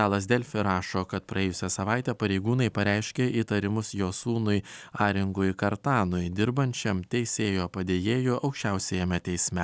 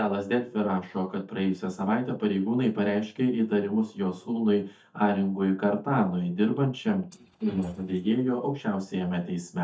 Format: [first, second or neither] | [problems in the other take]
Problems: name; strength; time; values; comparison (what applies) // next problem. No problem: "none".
first | noise reduction (neural mask model DeepFilterNet 3)